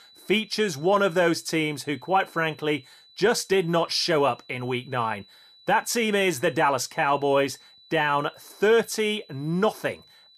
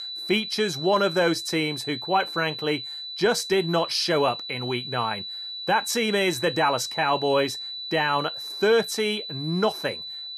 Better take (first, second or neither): first